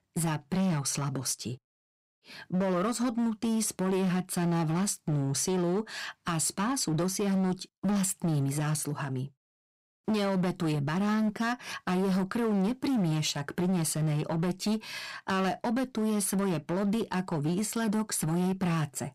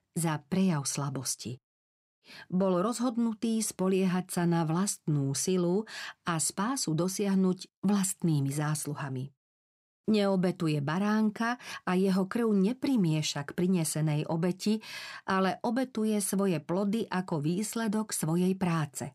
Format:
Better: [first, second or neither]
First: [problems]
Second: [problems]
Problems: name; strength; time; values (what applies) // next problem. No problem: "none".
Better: second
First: distortion; slight; 17% of the sound clipped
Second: none